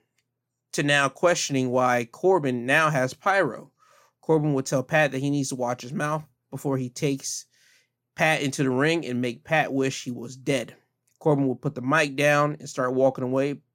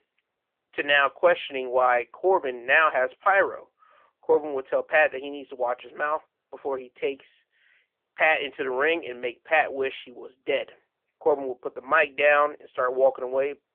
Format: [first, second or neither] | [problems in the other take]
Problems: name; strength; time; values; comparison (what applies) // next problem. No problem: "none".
first | phone-call audio; nothing above 3 kHz